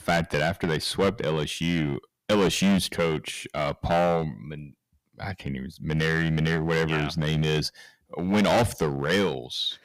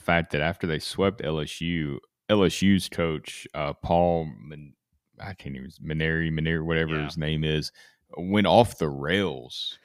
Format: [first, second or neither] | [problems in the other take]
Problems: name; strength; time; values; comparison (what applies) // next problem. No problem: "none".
second | distortion; heavy; 8% of the sound clipped